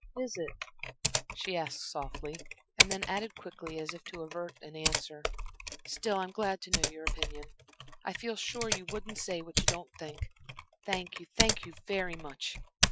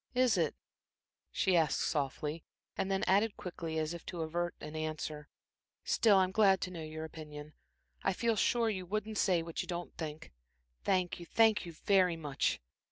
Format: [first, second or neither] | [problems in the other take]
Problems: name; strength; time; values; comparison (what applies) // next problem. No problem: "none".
second | noise reduction (classical method Wiener filter)